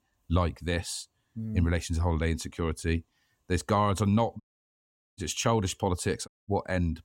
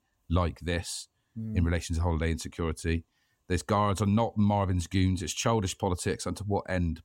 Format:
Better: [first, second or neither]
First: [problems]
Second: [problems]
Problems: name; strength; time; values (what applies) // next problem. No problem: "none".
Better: second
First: audio cutting out; at 4.5 s for 1 s and at 6.5 s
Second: none